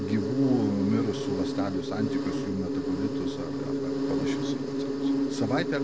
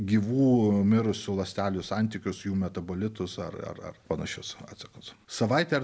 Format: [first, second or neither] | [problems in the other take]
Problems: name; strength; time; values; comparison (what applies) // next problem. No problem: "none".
second | background sound (Insect); 3 dB above the speech